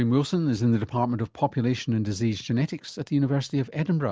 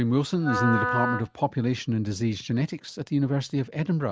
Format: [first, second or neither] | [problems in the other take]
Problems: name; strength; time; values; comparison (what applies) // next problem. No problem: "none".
first | background sound (Wind instrument, woodwind instrument); 5 dB below the speech